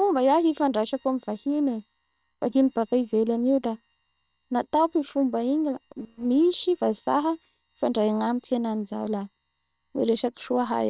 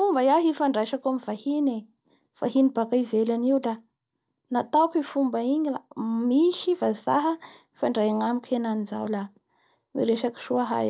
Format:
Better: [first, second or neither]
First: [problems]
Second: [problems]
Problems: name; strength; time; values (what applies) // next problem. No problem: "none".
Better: second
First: noise reduction (neural separator model SepFormer WHAM!)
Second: none